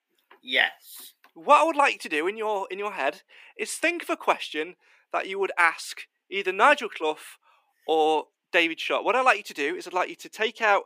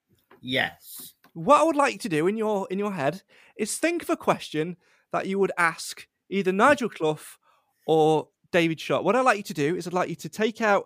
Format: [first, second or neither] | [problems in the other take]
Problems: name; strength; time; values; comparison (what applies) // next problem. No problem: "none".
second | thin; somewhat; fading below 300 Hz